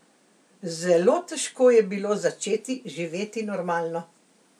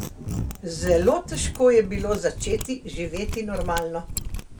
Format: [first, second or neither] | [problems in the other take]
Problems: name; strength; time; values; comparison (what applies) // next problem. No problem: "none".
first | background sound (Mechanisms); 7 dB below the speech